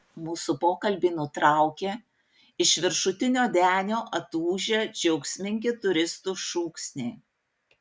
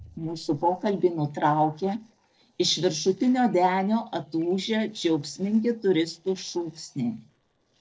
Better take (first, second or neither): first